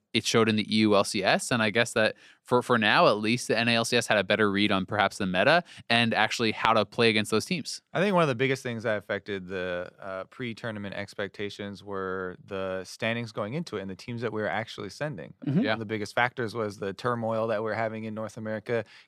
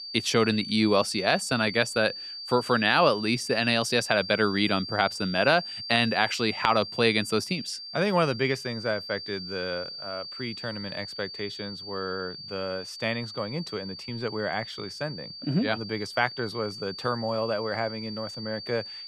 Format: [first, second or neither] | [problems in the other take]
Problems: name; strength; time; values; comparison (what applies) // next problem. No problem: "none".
first | high-pitched whine; loud; throughout; 4.5 kHz, 9 dB below the speech